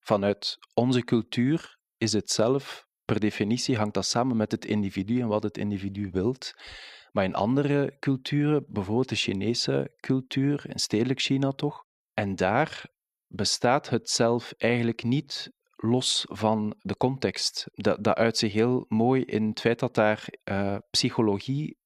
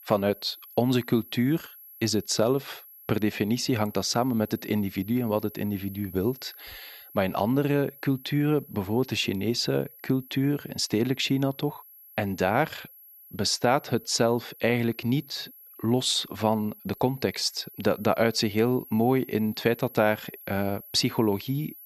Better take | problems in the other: first | high-pitched whine; noticeable; throughout; 11.5 kHz, 20 dB below the speech

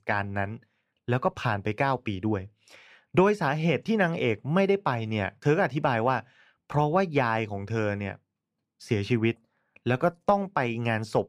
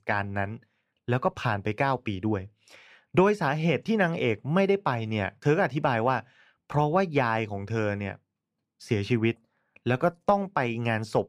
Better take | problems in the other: neither | none

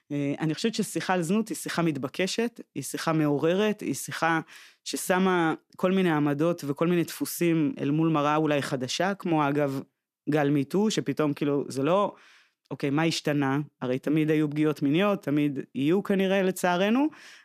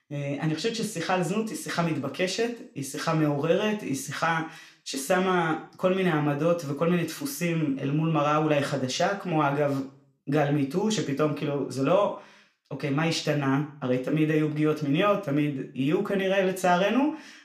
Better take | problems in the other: first | room echo; slight; dies away in 0.4 s // off-mic speech; somewhat distant

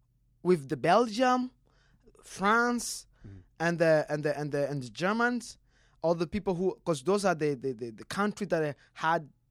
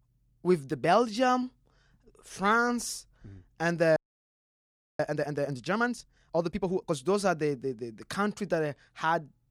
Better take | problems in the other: first | audio freezing; at 4 s for 1 s

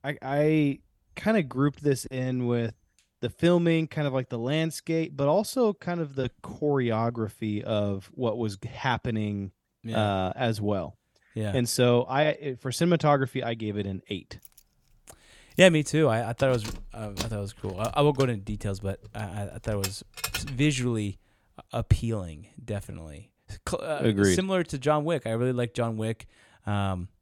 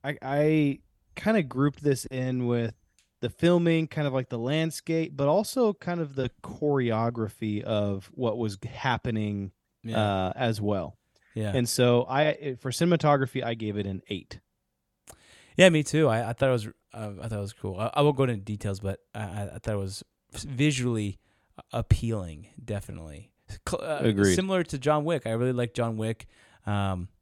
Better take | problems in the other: second | jangling keys; noticeable; from 14 to 21 s; peak 5 dB below the speech

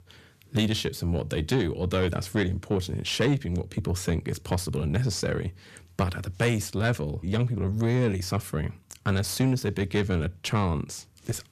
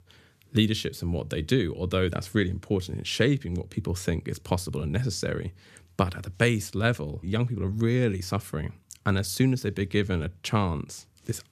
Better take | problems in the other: second | distortion; slight; 10 dB below the speech

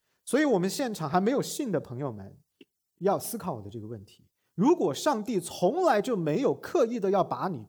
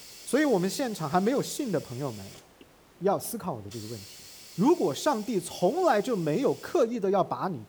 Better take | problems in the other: first | hiss; noticeable; throughout; 20 dB below the speech

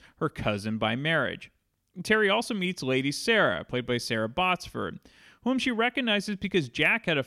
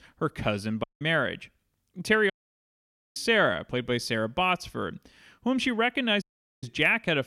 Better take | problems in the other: first | audio cutting out; at 1 s, at 2.5 s for 1 s and at 6 s

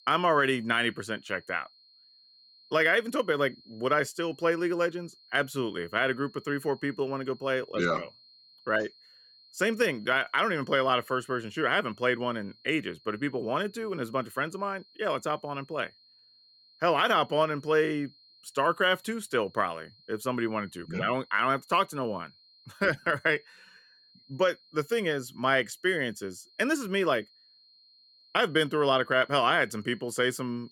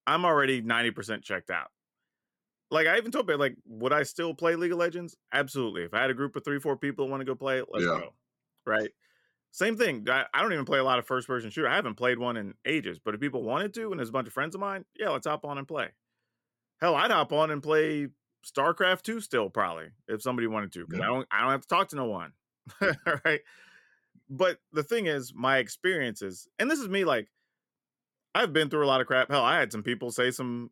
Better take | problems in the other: second | high-pitched whine; faint; throughout; 4 kHz, 30 dB below the speech

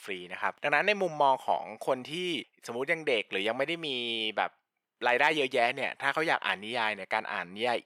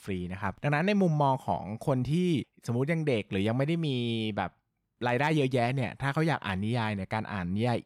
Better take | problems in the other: second | thin; very; fading below 500 Hz

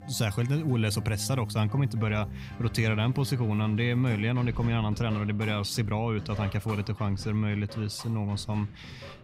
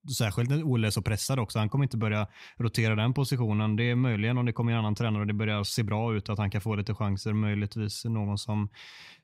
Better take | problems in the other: second | background music; noticeable; throughout; 15 dB below the speech

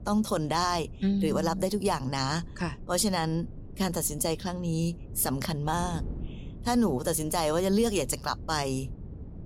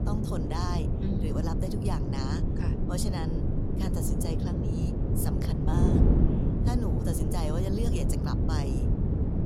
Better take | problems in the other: first | wind noise on the microphone; heavy; 2 dB above the speech; occasional gusts in the first

